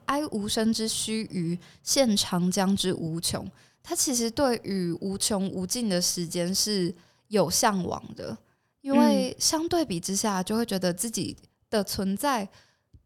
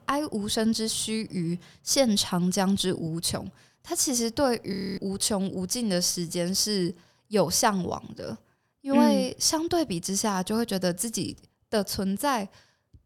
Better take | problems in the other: first | audio freezing; at 4.5 s

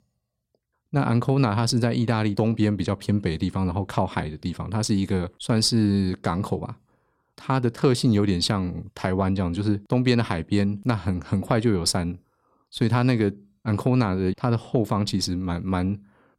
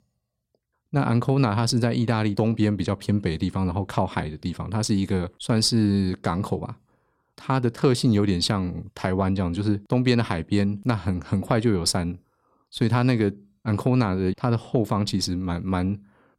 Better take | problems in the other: neither | none

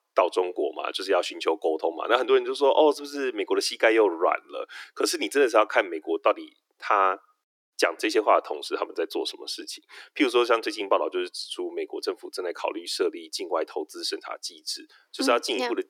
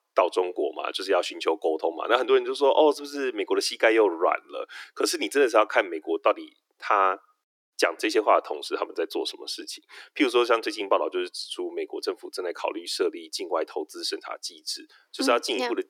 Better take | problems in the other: neither | thin; very; fading below 300 Hz; the same in both

